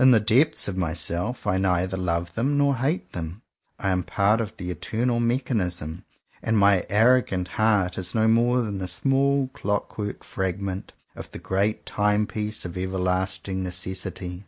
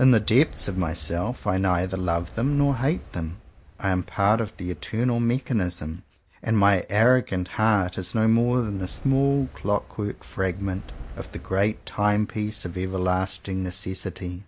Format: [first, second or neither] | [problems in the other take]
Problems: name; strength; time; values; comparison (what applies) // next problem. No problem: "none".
first | background sound (Fire); 18 dB below the speech